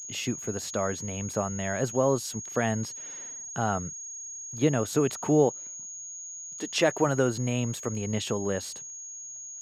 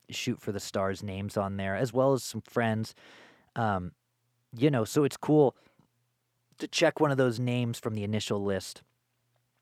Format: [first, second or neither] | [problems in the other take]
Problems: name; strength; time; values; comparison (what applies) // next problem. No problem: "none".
second | high-pitched whine; loud; throughout; 6.5 kHz, 9 dB below the speech